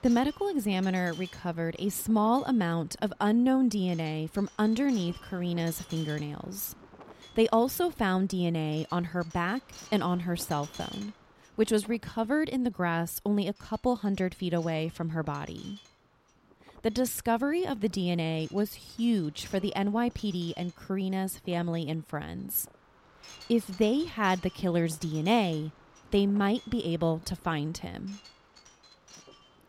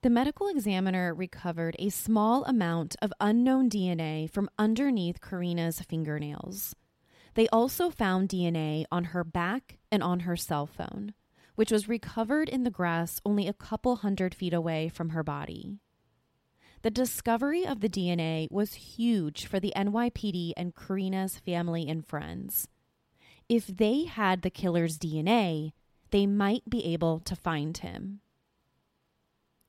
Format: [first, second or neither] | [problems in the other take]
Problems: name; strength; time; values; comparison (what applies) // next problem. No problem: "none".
second | wind noise on the microphone; occasional gusts; 20 dB below the speech